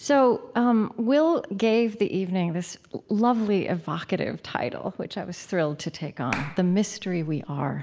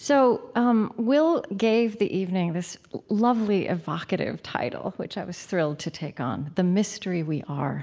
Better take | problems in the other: second | background sound (Clapping); 13 dB below the speech

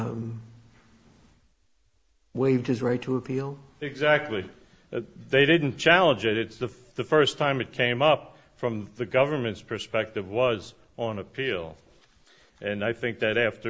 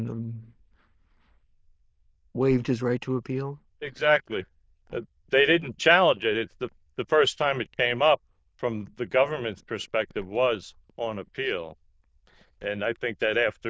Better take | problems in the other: first | noise reduction (neural diffusion model UNIVERSE++)

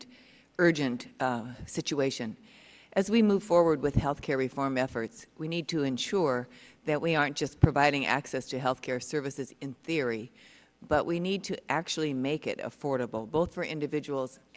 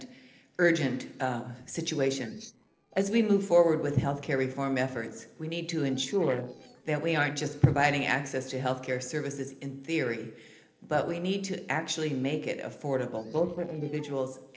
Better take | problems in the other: first | noise reduction (neural separator model SepFormer DNS4)

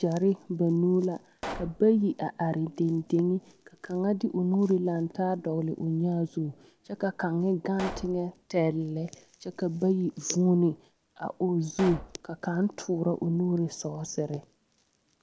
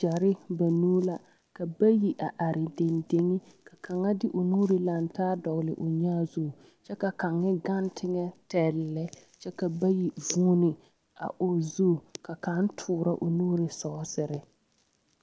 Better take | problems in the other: second | background sound (Explosion); 13 dB below the speech

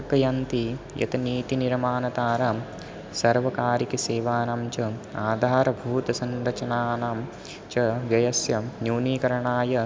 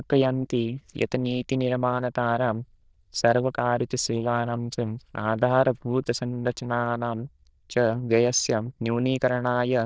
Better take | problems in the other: first | noise reduction (neural diffusion model UNIVERSE++)

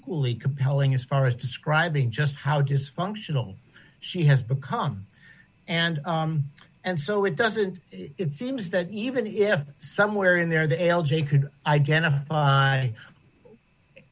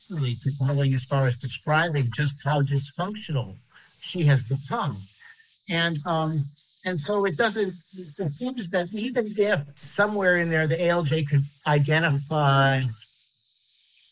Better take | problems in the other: first | noise reduction (neural mask model Resemble Enhance denoiser)

